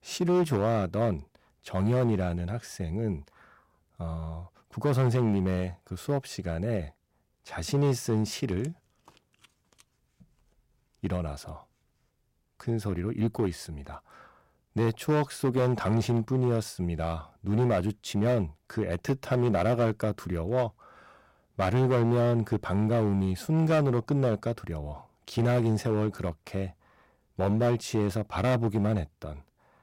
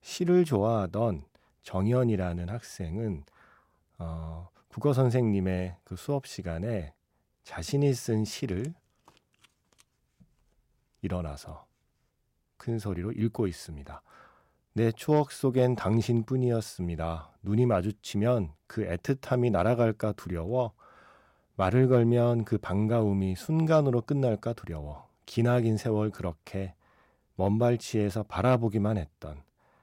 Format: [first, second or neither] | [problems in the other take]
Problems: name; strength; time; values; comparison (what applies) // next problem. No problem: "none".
second | distortion; slight; 6% of the sound clipped